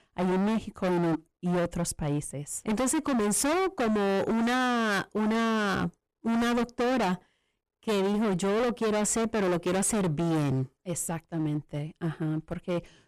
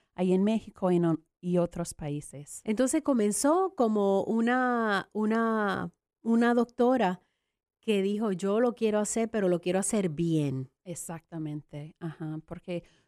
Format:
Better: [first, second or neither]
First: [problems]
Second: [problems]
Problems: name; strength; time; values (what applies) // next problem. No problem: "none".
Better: second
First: distortion; heavy; 30% of the sound clipped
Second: none